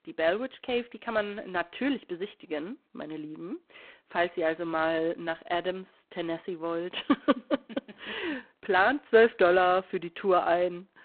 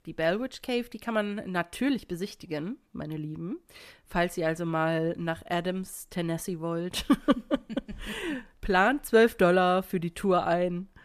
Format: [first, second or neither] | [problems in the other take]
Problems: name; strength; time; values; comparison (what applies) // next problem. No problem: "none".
second | phone-call audio; poor line; nothing above 4 kHz